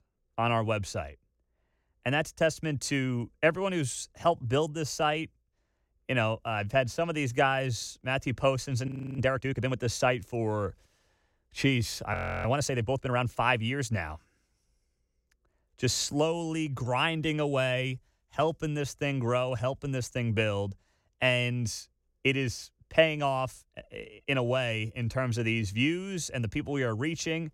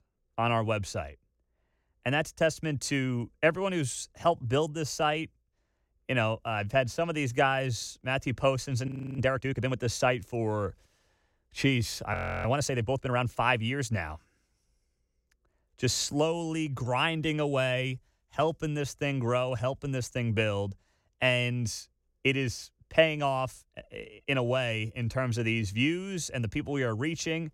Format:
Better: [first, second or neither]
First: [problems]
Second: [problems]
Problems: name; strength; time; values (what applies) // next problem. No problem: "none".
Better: neither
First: audio freezing; at 9 s and at 12 s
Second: audio freezing; at 9 s and at 12 s